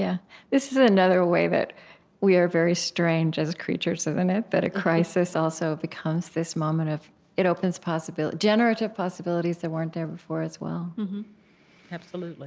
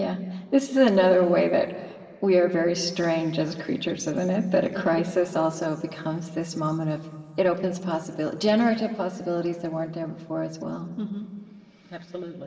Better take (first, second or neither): first